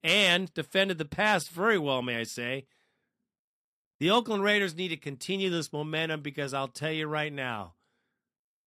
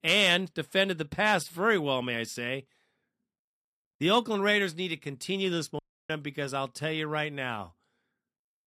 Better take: first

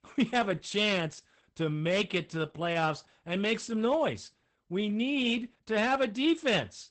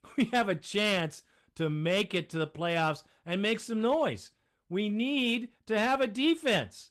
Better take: second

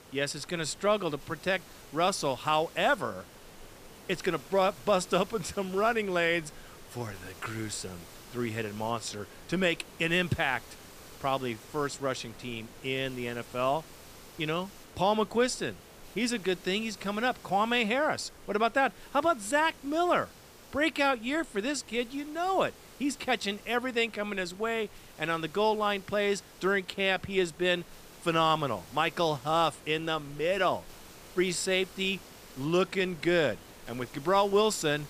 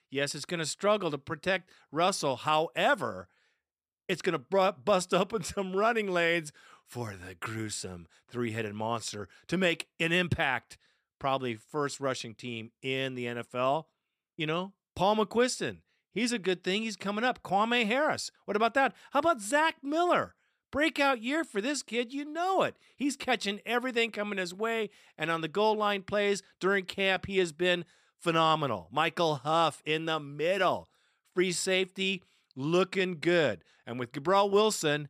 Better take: second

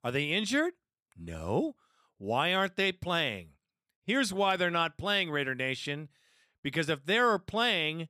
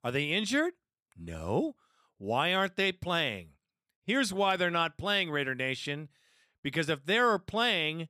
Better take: neither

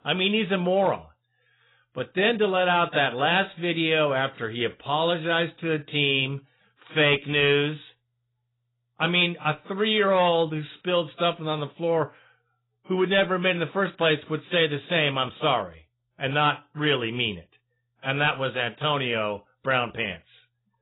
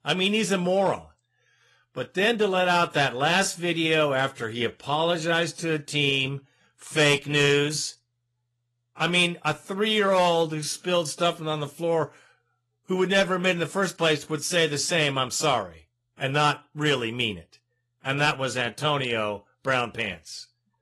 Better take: second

